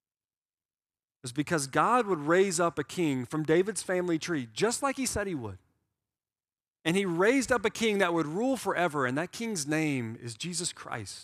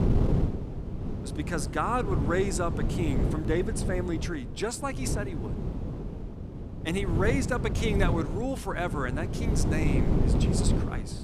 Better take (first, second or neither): first